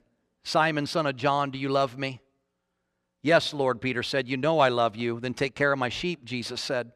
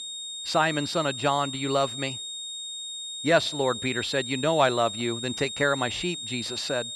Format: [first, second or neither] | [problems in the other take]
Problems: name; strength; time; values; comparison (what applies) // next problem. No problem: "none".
first | high-pitched whine; loud; throughout; 3.5 kHz, 6 dB below the speech